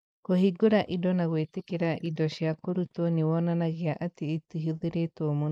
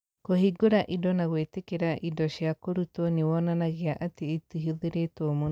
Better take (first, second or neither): second